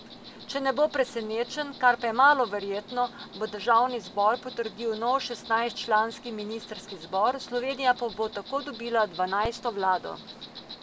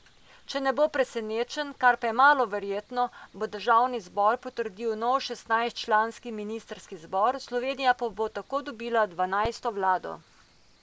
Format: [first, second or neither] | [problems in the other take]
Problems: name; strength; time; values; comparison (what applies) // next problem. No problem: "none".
second | background sound (Insect); 17 dB below the speech